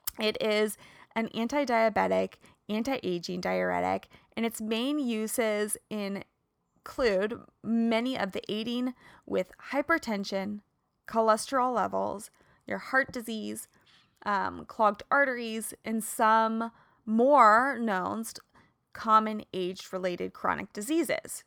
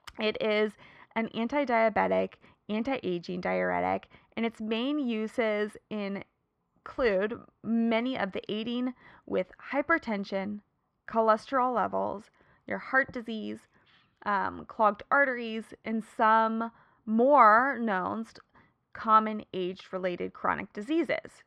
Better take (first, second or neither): first